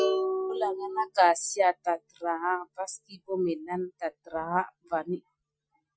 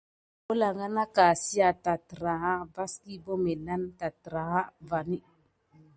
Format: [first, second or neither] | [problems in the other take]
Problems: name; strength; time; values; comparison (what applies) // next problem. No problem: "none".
second | noise reduction (classical method Wiener filter)